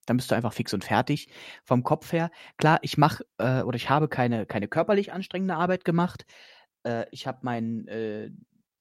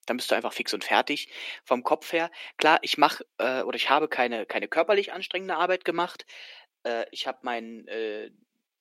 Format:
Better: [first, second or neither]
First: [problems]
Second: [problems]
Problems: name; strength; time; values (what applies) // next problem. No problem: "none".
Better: first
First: none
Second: thin; somewhat; fading below 300 Hz